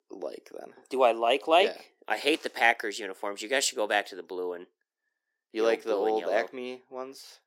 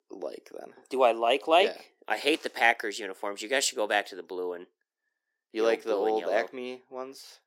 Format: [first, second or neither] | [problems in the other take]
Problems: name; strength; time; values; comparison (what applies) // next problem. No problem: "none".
neither | thin; very; fading below 300 Hz; the same in both